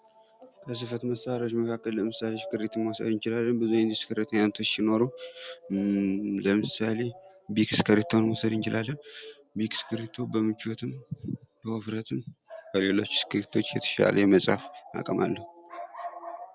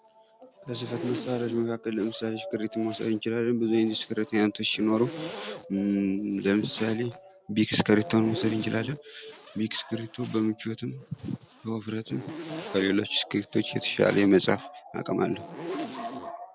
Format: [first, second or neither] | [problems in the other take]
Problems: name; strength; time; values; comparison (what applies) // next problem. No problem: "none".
first | background sound (Zipper (clothing)); 15 dB below the speech